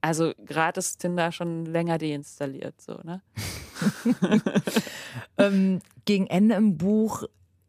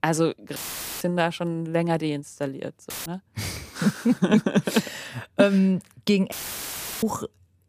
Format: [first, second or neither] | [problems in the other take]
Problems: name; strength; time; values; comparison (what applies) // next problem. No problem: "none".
first | audio cutting out; filled with static; at 0.5 s, at 3 s and at 6.5 s for 0.5 s